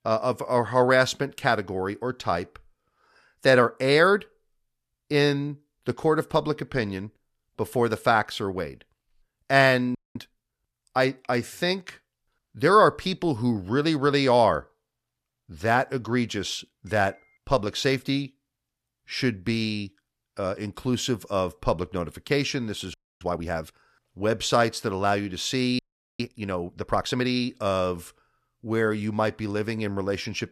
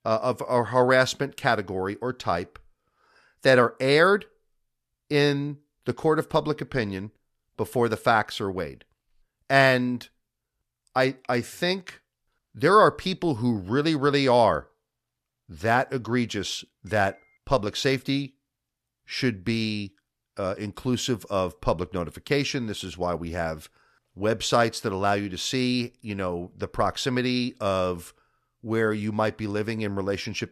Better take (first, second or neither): second